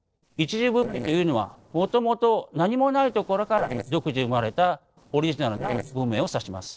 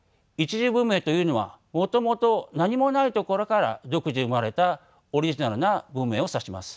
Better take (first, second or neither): second